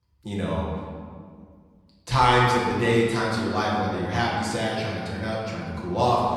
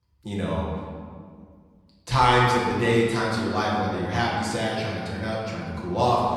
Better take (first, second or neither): neither